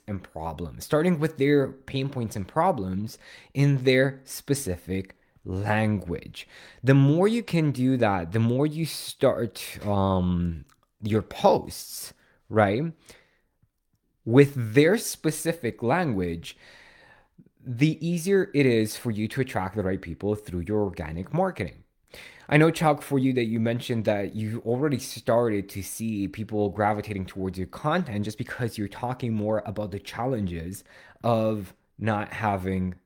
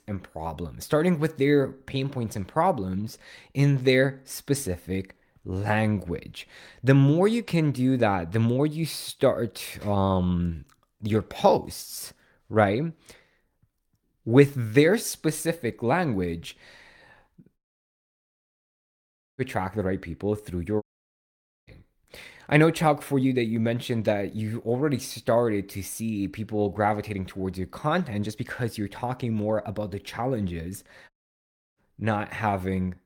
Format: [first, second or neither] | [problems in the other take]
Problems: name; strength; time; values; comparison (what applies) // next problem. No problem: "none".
first | audio cutting out; at 18 s for 2 s, at 21 s for 1 s and at 31 s for 0.5 s